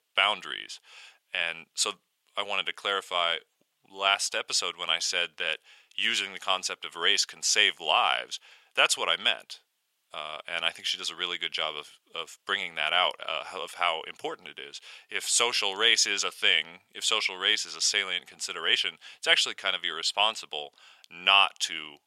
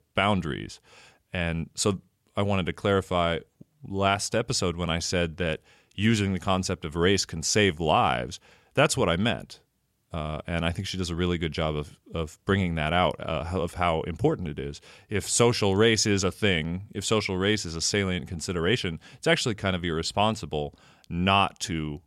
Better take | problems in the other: second | thin; very; fading below 850 Hz

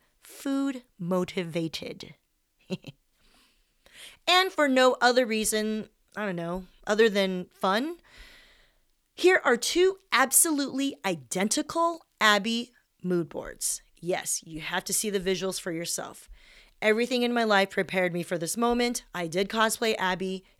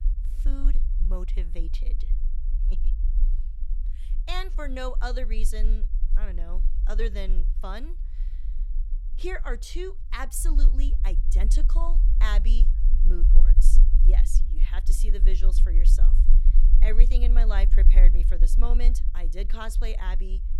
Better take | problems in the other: first | low rumble; noticeable; throughout; 10 dB below the speech

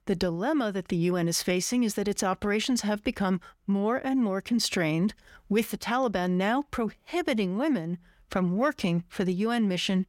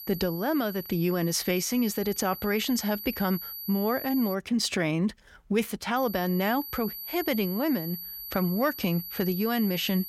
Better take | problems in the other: first | high-pitched whine; loud; until 4.5 s and from 6 s on; 12 kHz, 9 dB below the speech

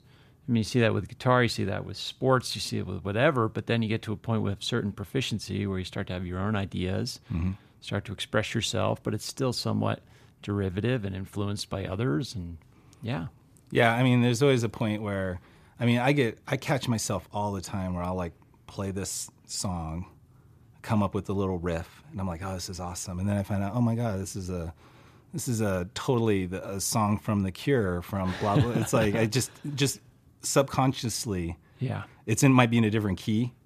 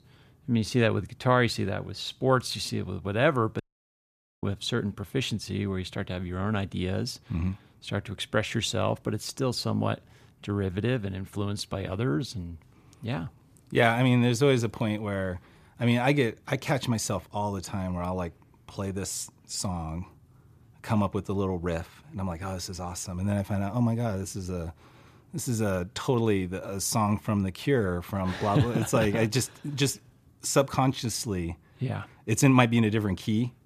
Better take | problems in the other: first | audio cutting out; at 3.5 s for 1 s

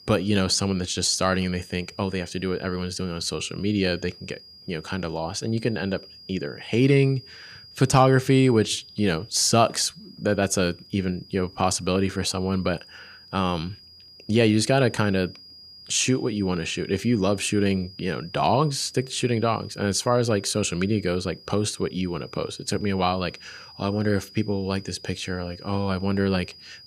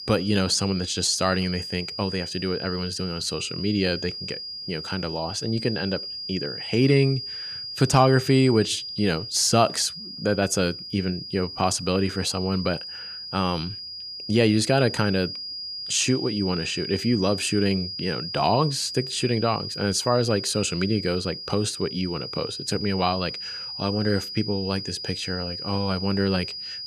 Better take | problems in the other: first | high-pitched whine; loud; throughout; 5 kHz, 7 dB below the speech; faint in the first

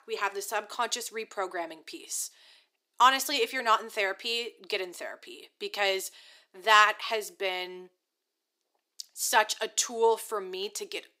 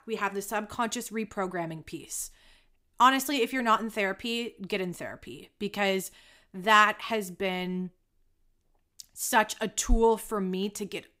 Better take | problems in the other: second | thin; very; fading below 350 Hz

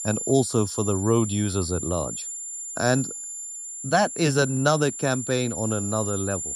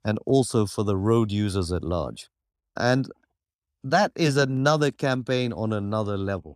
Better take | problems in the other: second | high-pitched whine; loud; throughout; 7 kHz, 7 dB below the speech

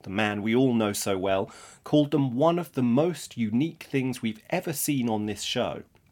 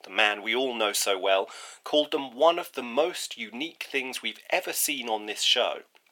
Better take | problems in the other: first | thin; very; fading below 500 Hz

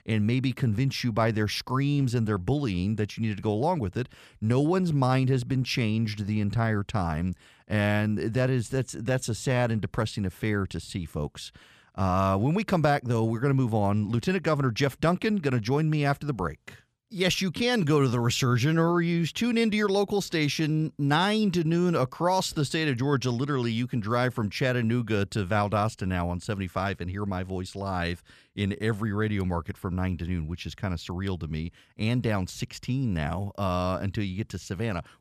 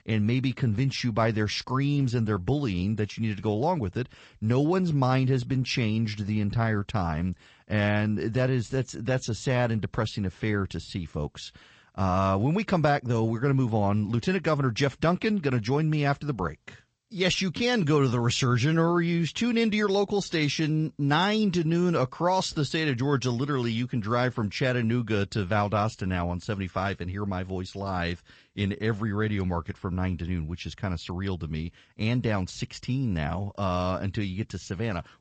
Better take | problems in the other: first | garbled, watery; slightly; nothing above 8 kHz

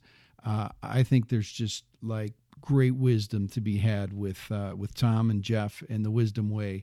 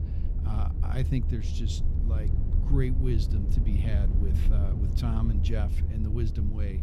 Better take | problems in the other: first | low rumble; loud; throughout; 4 dB below the speech

